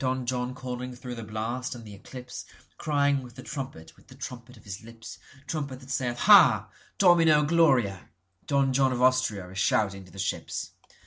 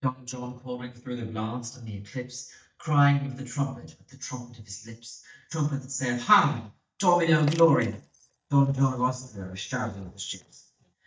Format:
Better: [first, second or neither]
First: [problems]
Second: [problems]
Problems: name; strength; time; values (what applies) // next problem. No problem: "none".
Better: first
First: none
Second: noise reduction (neural mask model DeepFilterNet 3)